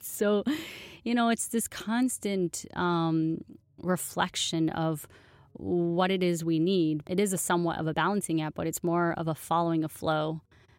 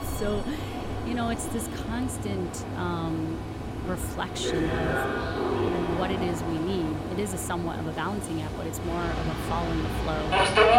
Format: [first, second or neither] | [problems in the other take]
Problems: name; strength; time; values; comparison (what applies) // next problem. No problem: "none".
first | train or aircraft noise; very loud; throughout; 2 dB above the speech